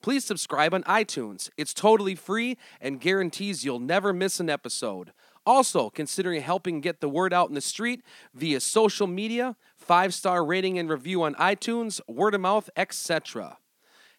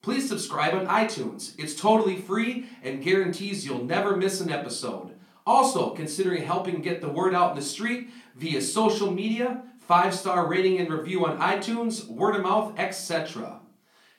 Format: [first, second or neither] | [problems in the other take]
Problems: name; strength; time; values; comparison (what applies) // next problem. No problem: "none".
first | off-mic speech; far // room echo; slight; dies away in 0.4 s